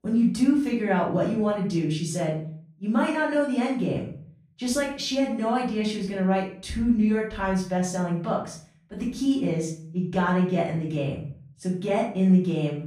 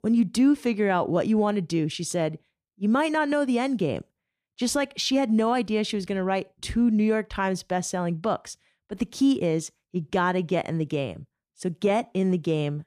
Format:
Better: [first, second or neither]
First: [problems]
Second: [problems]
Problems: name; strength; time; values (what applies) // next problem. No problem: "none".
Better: second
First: off-mic speech; far // room echo; noticeable; dies away in 0.5 s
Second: none